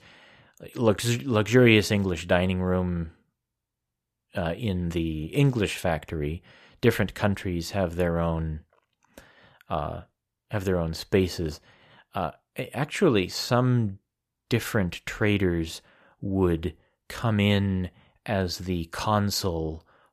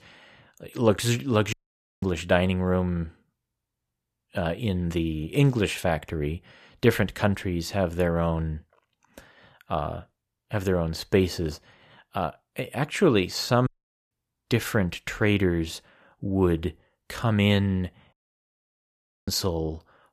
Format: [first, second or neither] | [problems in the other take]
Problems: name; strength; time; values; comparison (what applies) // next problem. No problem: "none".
first | audio cutting out; at 1.5 s, at 14 s and at 18 s for 1 s